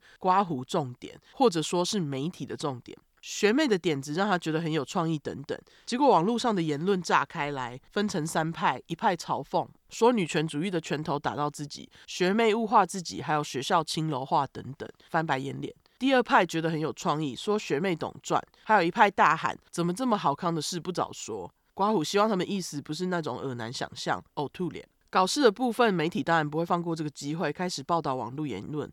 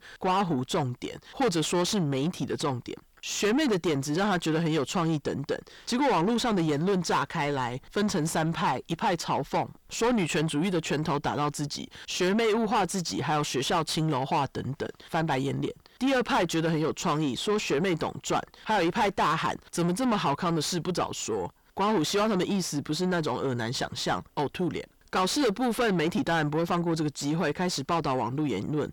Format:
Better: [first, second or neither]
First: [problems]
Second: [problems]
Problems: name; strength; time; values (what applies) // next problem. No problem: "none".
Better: first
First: none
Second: distortion; heavy; 5 dB below the speech